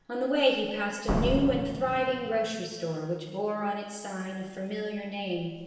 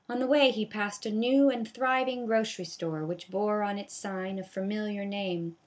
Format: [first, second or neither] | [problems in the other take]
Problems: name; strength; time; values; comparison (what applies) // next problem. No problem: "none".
second | background sound (Slam); 7 dB below the speech // room echo; dies away in 1.2 s